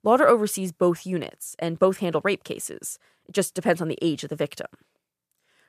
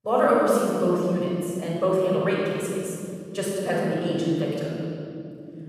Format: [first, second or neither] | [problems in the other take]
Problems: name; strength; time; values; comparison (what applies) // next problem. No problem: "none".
first | off-mic speech; far // room echo; strong; dies away in 3 s